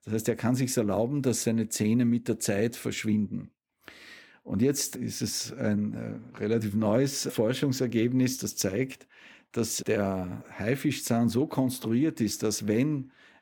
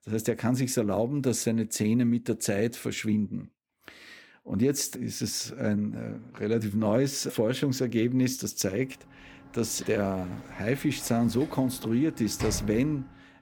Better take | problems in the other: first | door banging; noticeable; from 9.5 s on; peak 7 dB below the speech

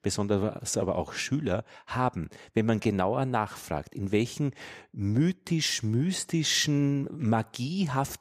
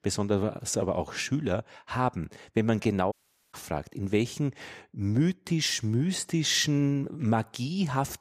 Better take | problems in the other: first | audio cutting out; at 3 s

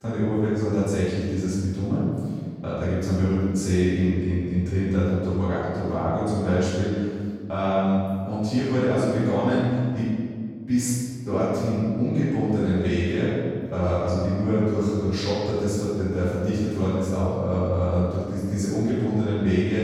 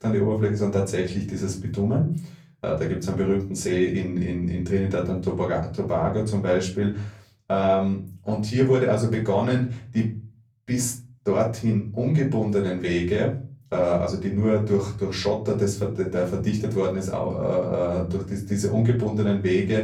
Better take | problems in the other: second | room echo; strong; dies away in 1.7 s; slight in the second // off-mic speech; far; far in the second

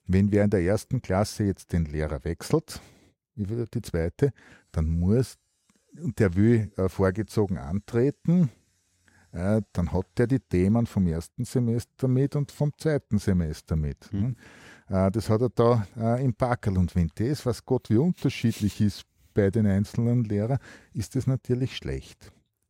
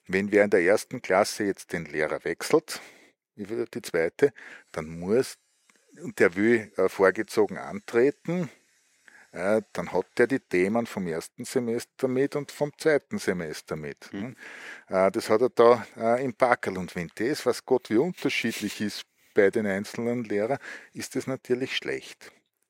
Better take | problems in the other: first | thin; somewhat; fading below 400 Hz

